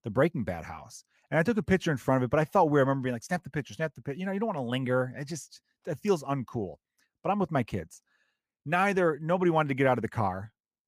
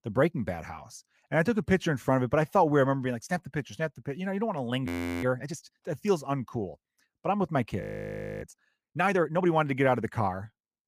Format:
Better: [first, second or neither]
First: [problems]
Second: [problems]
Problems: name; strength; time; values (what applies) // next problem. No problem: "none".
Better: first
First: none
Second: audio freezing; at 5 s and at 8 s for 0.5 s